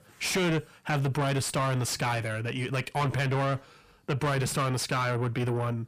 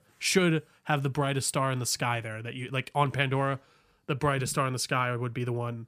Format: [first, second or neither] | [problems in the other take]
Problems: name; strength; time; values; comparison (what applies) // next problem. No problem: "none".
second | distortion; heavy; 6 dB below the speech